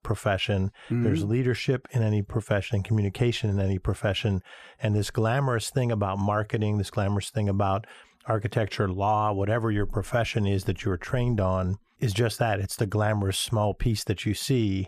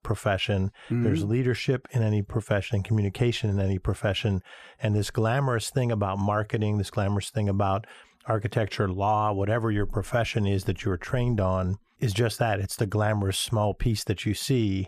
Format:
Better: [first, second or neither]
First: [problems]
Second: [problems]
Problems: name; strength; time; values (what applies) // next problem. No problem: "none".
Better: neither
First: none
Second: none